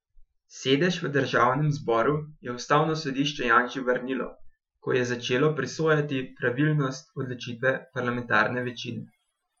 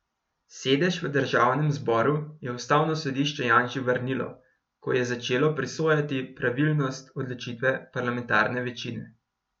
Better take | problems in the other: second | noise reduction (classical method Wiener filter)

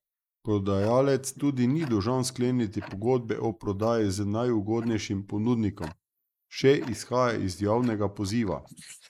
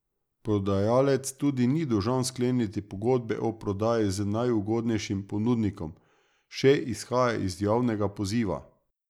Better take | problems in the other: second | noise reduction (neural mask model Resemble Enhance denoiser)

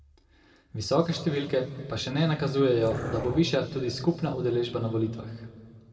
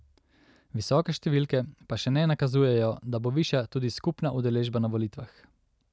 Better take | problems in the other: second | background sound (Dog); 9 dB below the speech // room echo; dies away in 1.7 s

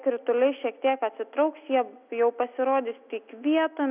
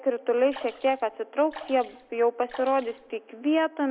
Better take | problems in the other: first | background sound (Sink (filling or washing) / Water / Splash, splatter); 18 dB below the speech

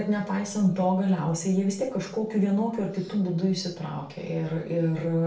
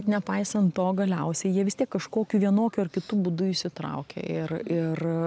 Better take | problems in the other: second | room echo; dies away in 0.4 s

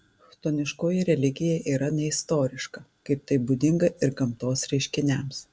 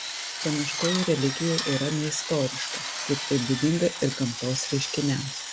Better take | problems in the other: first | background sound (Drill); 5 dB below the speech

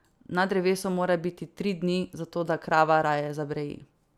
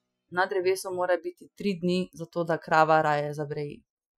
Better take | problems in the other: first | noise reduction (classical method Wiener filter)

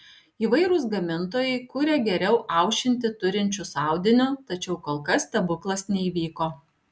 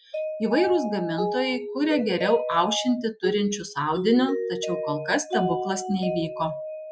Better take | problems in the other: first | noise reduction (classical method Wiener filter)

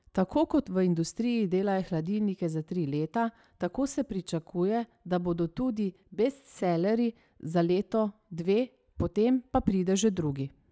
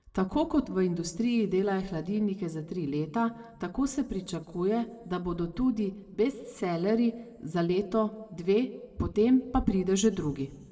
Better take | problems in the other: first | room echo; dies away in 1.2 s

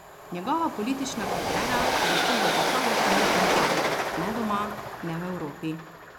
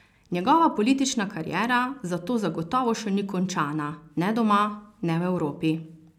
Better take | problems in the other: second | background sound (Train); 5 dB above the speech

